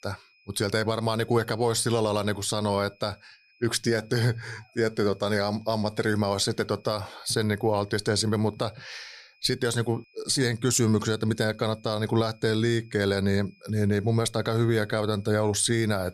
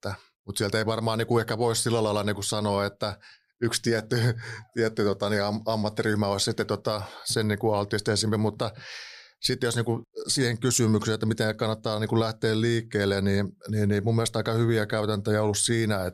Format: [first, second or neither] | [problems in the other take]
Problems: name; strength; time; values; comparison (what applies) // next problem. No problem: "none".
second | high-pitched whine; faint; throughout; 2.5 kHz, 35 dB below the speech